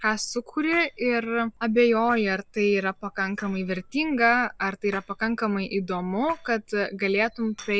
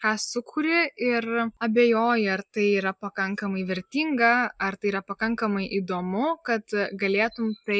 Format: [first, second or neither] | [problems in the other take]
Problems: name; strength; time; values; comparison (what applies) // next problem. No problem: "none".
second | noise reduction (neural separator model SepFormer DNS4)